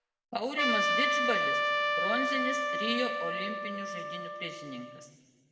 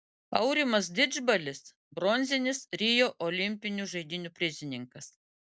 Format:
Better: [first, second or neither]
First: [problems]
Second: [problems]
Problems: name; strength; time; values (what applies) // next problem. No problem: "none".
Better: second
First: background sound (Trumpet); 5 dB above the speech // room echo; dies away in 1.5 s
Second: none